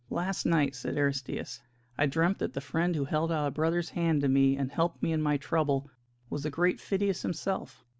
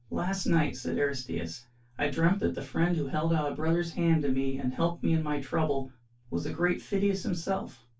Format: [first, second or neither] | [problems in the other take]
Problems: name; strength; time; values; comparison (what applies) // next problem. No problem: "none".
first | room echo; dies away in 0.1 s